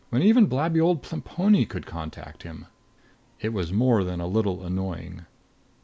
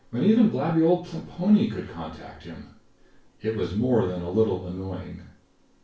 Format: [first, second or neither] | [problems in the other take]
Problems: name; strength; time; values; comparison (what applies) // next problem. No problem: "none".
first | room echo; dies away in 0.3 s